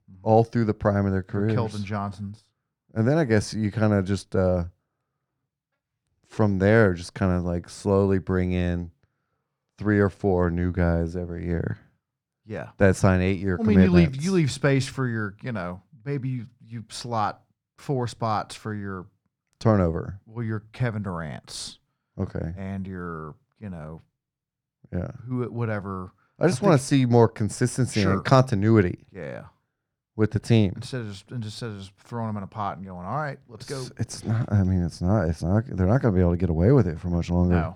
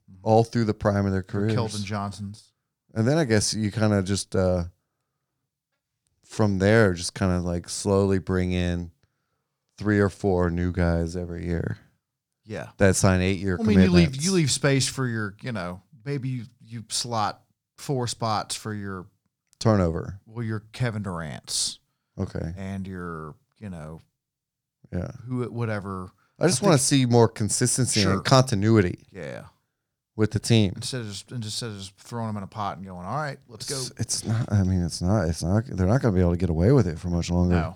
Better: second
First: muffled; slightly; fading above 3.5 kHz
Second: none

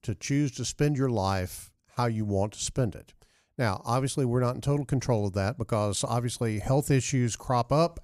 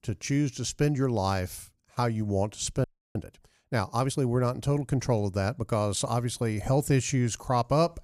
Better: first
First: none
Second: audio freezing; at 3 s

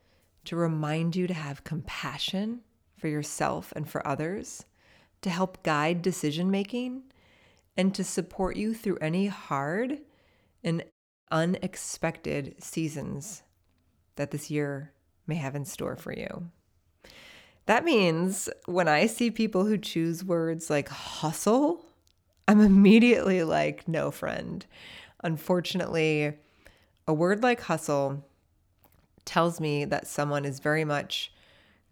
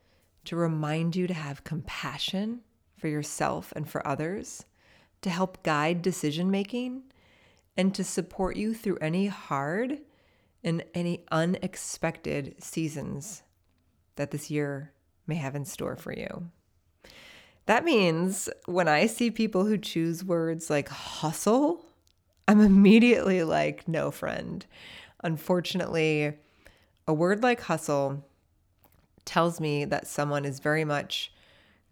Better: second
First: audio cutting out; at 11 s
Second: none

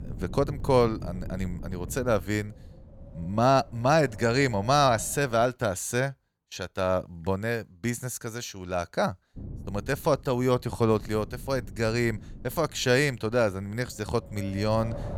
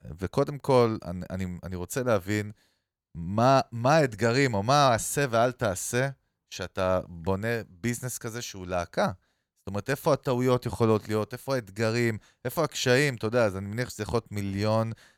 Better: second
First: wind noise on the microphone; occasional gusts; until 5.5 s and from 9.5 s on; 20 dB below the speech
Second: none

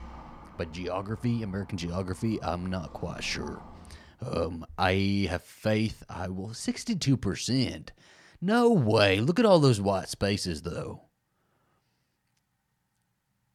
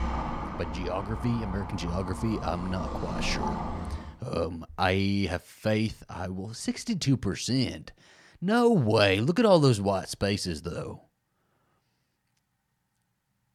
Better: first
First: traffic noise; faint; until 4 s; 20 dB below the speech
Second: traffic noise; loud; until 4 s; 8 dB below the speech

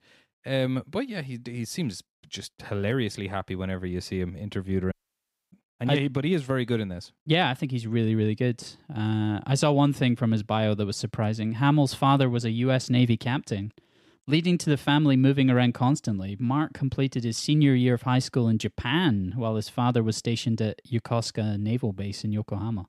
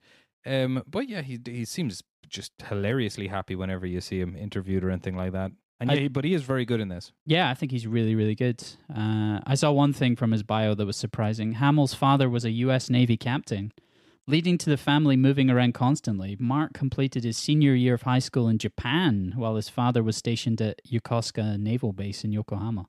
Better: second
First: audio cutting out; at 5 s for 0.5 s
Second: none

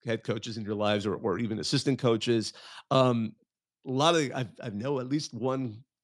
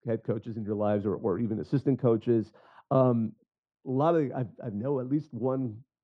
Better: first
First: none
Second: muffled; very; fading above 2 kHz

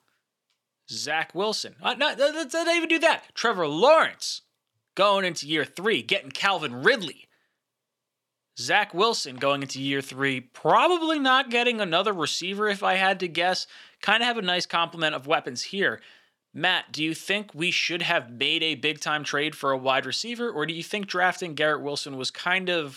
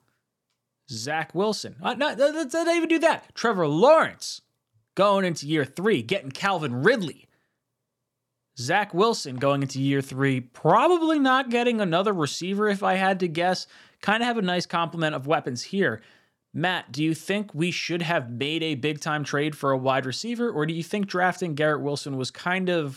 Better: second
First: thin; very slightly; fading below 800 Hz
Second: none

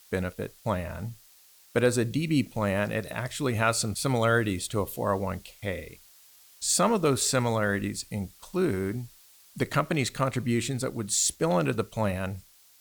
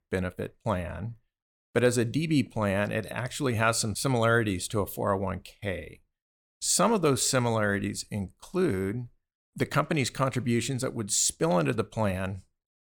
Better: second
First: hiss; faint; throughout; 25 dB below the speech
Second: none

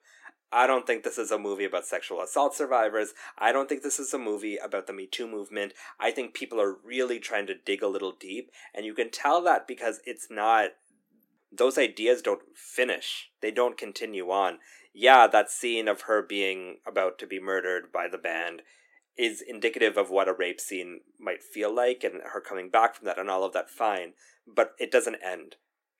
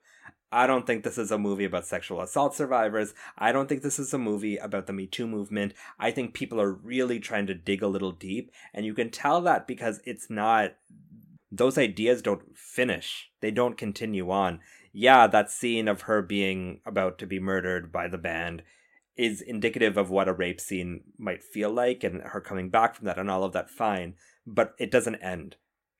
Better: second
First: thin; somewhat; fading below 300 Hz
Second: none

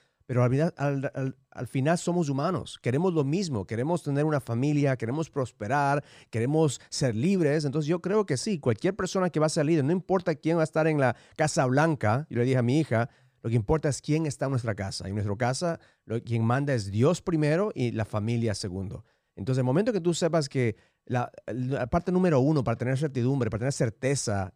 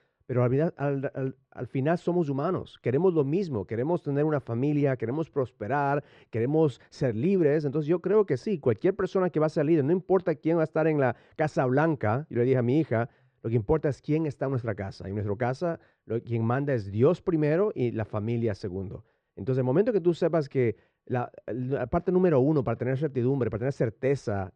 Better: first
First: none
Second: muffled; slightly; fading above 2.5 kHz

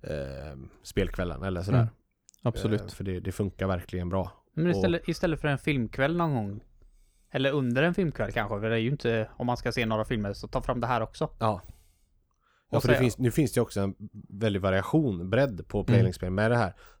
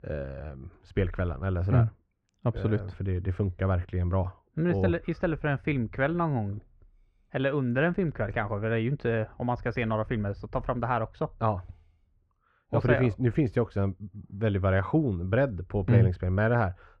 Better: first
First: none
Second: muffled; very; fading above 2 kHz

